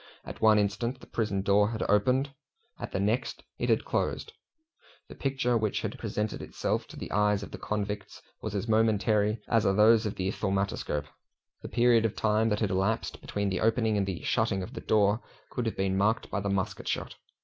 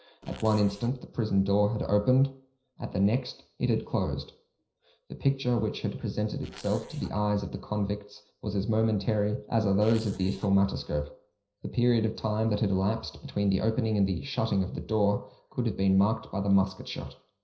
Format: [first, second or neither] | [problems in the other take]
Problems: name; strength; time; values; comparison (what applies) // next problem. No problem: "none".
first | noise reduction (neural separator model SepFormer DNS4)